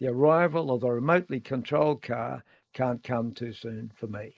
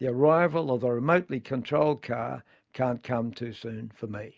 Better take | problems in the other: second | noise reduction (neural mask model Resemble Enhance denoiser)

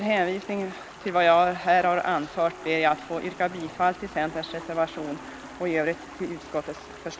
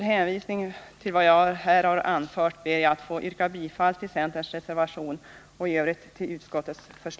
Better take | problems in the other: second | background sound (Stream + Piano); 15 dB below the speech

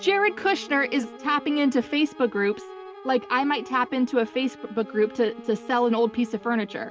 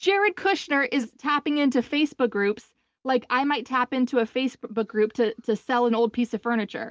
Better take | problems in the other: second | background sound (Wind instrument, woodwind instrument + Bowed string instrument); 17 dB below the speech

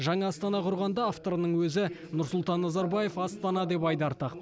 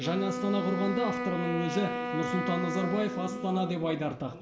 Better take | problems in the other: first | background sound (Wind instrument, woodwind instrument); 4 dB below the speech // room echo; dies away in 0.5 s

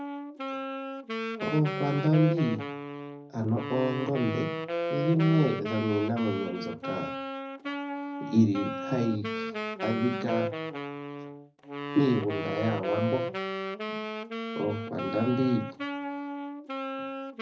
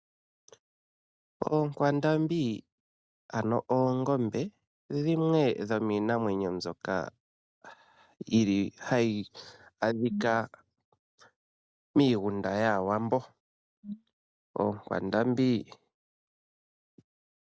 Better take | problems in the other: second | background sound (Wind instrument, woodwind instrument); 4 dB below the speech // room echo; dies away in 0.4 s

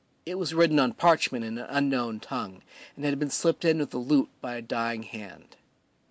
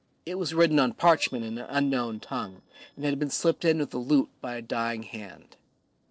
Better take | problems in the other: first | noise reduction (neural separator model SepFormer DNS4)

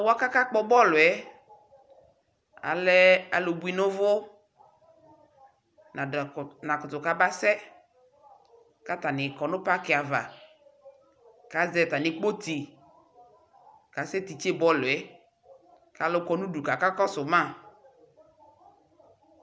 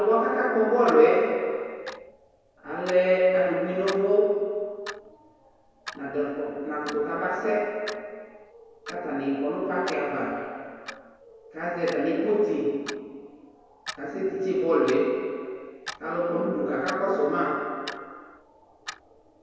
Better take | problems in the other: first | background sound (Clock); 19 dB below the speech // room echo; dies away in 2.2 s

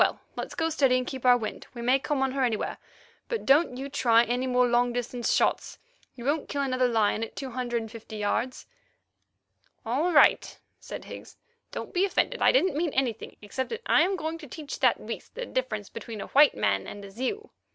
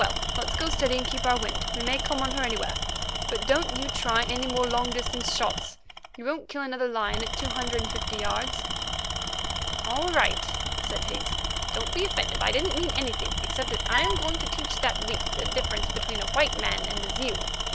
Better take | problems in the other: first | background sound (Bowed string instrument + Tools); 1 dB above the speech

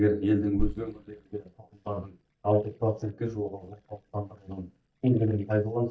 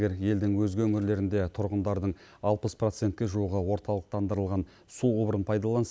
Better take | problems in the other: second | noise reduction (neural mask model DeepFilterNet 3)

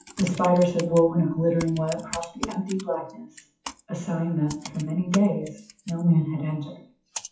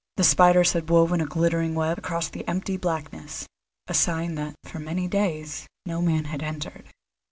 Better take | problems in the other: second | noise reduction (classical method WPE with log-MMSE)

